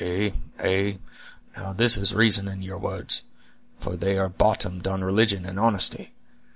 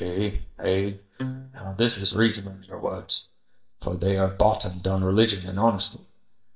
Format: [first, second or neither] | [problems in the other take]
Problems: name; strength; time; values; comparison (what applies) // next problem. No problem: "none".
first | noise reduction (neural mask model DeepFilterNet 3)